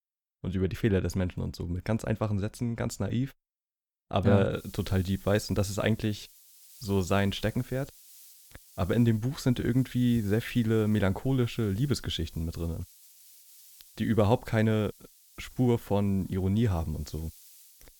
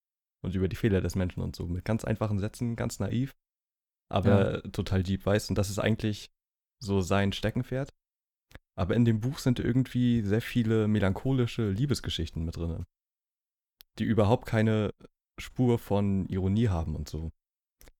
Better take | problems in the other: second | hiss; faint; from 4.5 s on; 25 dB below the speech

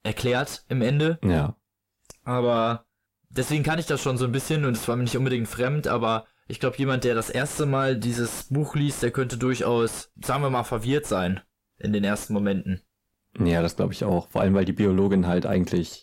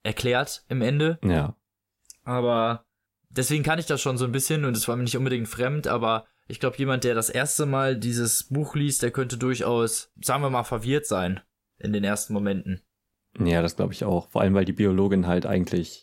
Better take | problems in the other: second | distortion; slight; 10 dB below the speech

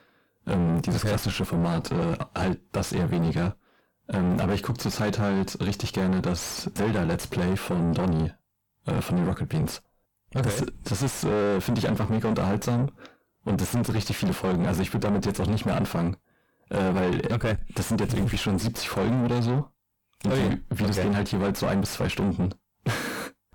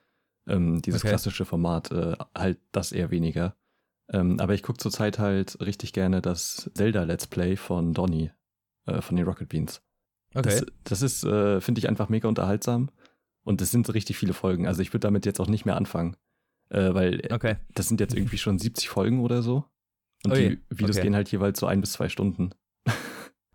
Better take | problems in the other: second | distortion; heavy; 5 dB below the speech

